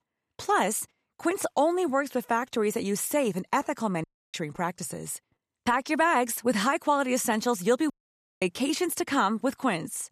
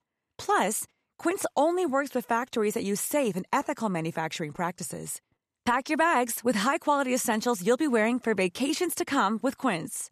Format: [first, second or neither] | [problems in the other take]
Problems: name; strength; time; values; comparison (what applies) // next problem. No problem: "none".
second | audio cutting out; at 4 s and at 8 s for 0.5 s